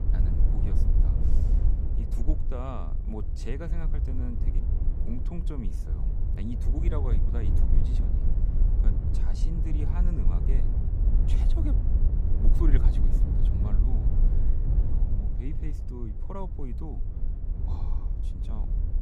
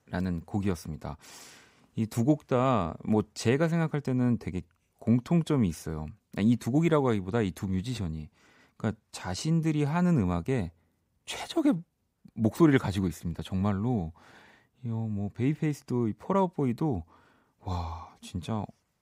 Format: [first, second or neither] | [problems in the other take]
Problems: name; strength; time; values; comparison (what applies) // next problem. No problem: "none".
second | wind noise on the microphone; heavy; 1 dB below the speech